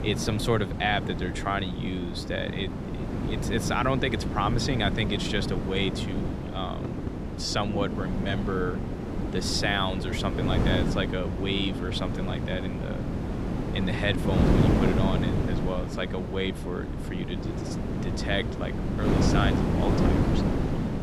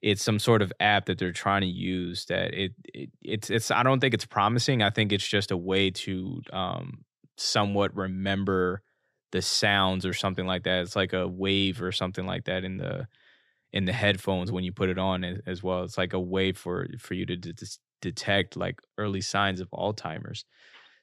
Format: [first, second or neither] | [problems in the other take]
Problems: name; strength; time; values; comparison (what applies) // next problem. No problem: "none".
second | wind noise on the microphone; heavy; 4 dB below the speech